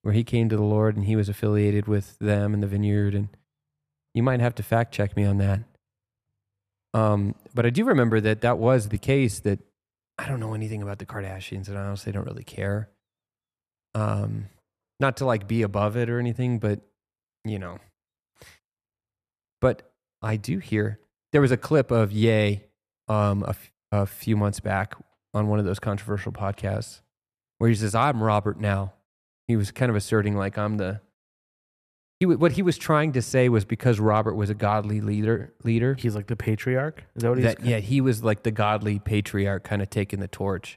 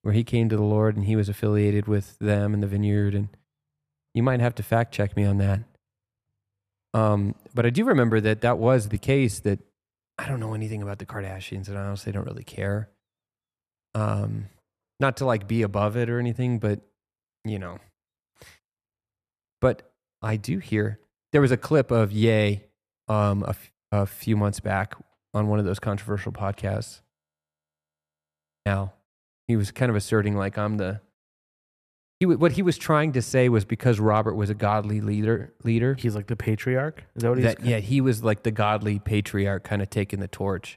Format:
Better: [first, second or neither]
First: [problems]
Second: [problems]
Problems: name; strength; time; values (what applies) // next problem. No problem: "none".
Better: first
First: none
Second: audio freezing; at 27 s for 1.5 s